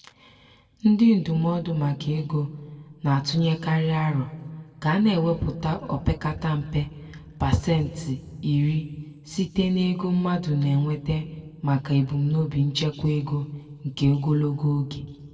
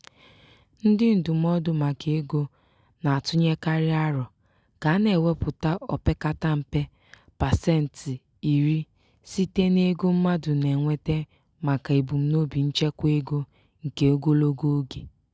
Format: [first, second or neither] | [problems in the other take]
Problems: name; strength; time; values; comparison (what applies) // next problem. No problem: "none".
second | room echo; dies away in 1.3 s